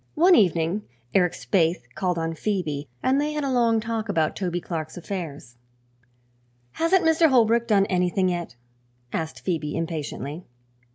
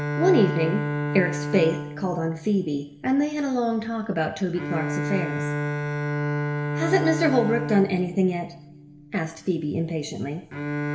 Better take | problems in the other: first | background sound (Bowed string instrument); 4 dB below the speech // room echo; dies away in 0.9 s

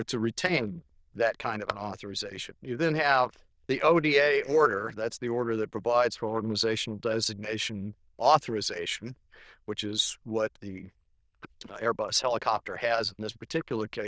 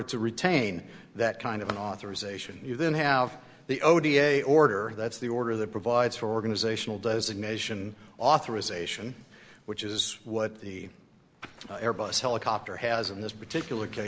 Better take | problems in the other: second | noise reduction (neural diffusion model UNIVERSE++)

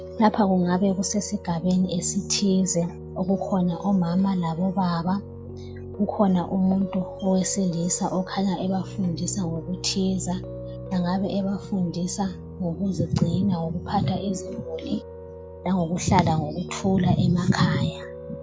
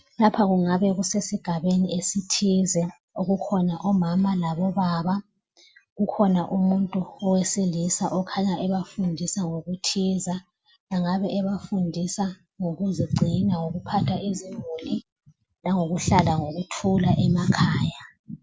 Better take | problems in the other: second | background sound (Piano); 12 dB below the speech

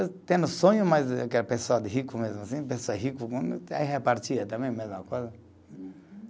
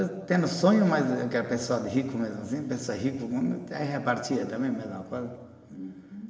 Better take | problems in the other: first | room echo; dies away in 3 s

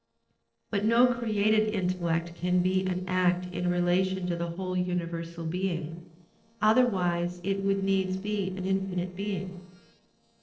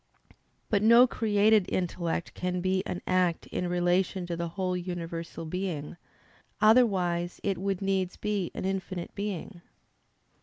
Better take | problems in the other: second | noise reduction (neural separator model SepFormer DNS4)

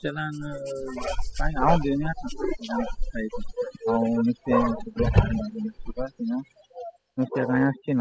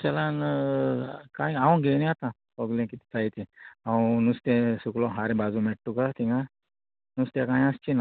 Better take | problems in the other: second | noise reduction (classical method spectral subtraction)

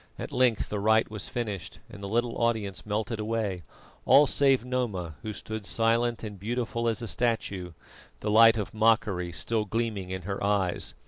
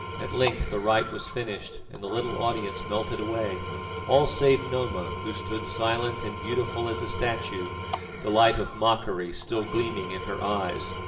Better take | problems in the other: first | background sound (Engine / Tools); 7 dB below the speech // room echo; dies away in 1.4 s

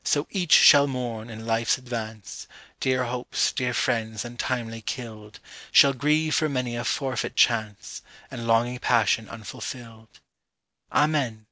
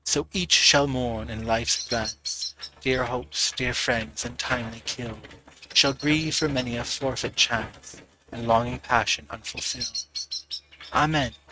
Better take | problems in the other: first | noise reduction (neural mask model RNNoise)

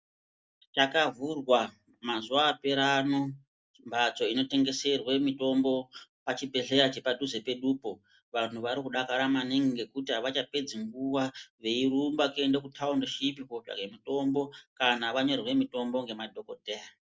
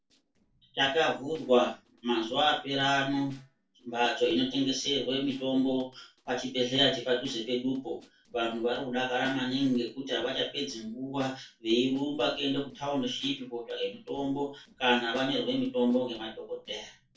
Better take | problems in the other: first | noise reduction (neural separator model SepFormer DNS4)

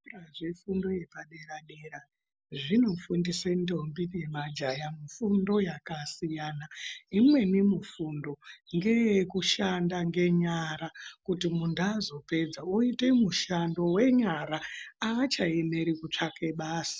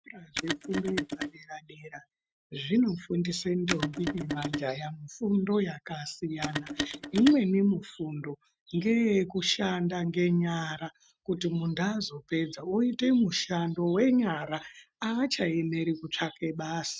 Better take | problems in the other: first | noise reduction (neural mask model RNNoise)

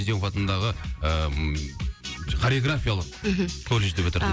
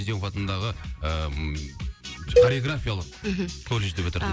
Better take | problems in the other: first | background sound (Cowbell); 3 dB above the speech

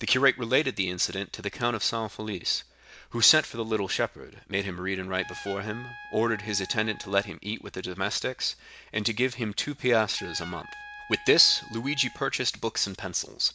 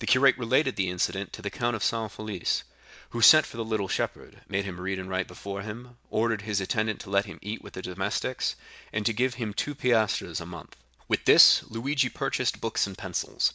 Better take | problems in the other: second | background sound (Trumpet); 18 dB below the speech

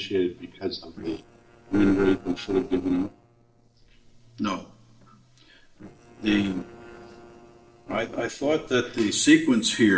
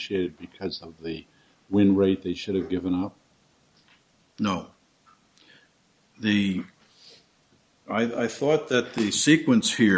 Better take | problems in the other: second | noise reduction (neural separator model SepFormer DNS4)

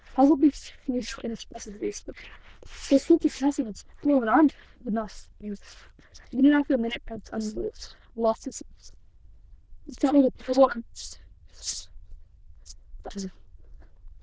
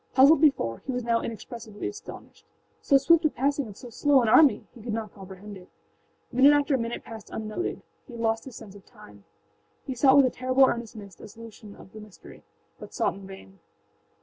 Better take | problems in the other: second | noise reduction (neural diffusion model UNIVERSE++)

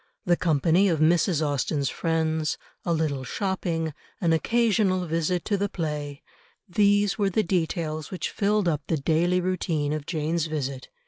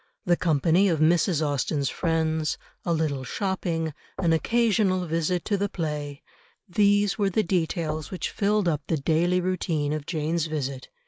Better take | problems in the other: first | background sound (Knock / Wood / Percussion); 18 dB below the speech

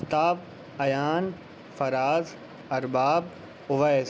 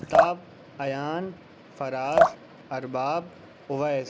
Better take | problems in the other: first | background sound (Drip); 3 dB above the speech

